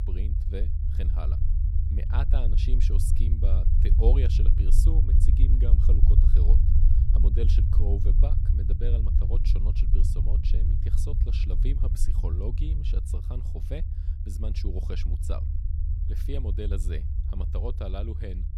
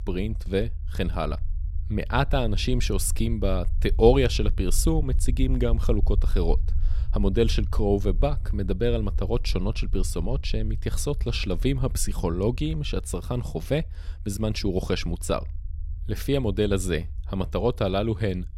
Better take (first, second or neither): second